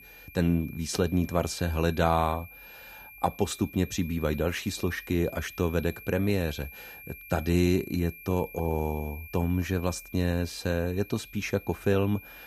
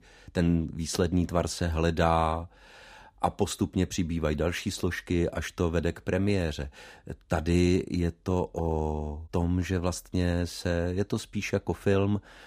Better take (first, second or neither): second